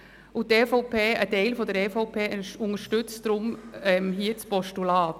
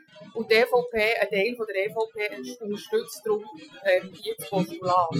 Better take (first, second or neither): first